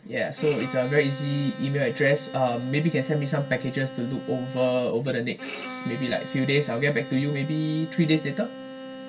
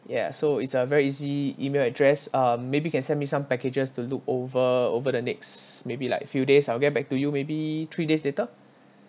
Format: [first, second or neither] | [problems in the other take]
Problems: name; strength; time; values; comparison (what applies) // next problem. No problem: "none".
second | background sound (Bowed string instrument); 13 dB below the speech // room echo; dies away in 0.1 s